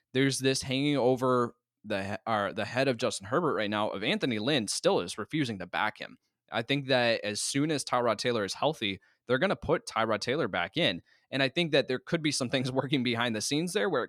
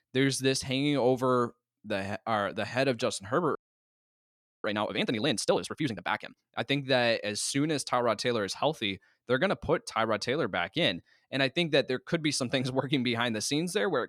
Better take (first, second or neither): first